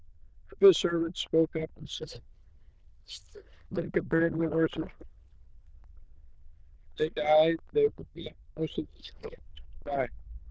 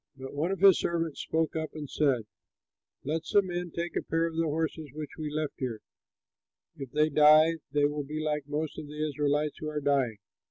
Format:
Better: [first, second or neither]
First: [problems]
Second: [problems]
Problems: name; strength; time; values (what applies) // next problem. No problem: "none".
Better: second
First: noise reduction (neural diffusion model UNIVERSE++)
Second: none